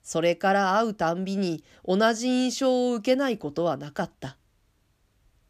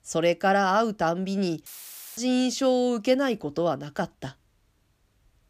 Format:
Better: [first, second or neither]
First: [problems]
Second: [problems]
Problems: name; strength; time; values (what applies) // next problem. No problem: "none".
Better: first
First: none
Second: audio cutting out; filled with static; at 1.5 s for 0.5 s